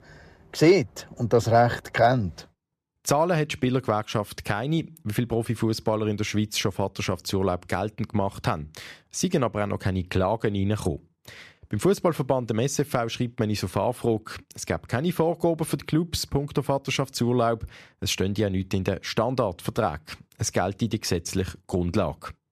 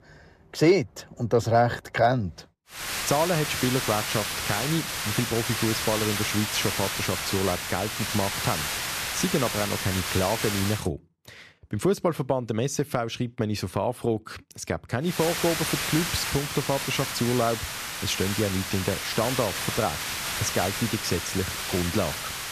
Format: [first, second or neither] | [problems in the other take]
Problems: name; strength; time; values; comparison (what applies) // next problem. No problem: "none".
first | hiss; loud; from 3 to 11 s and from 15 s on; 1 dB below the speech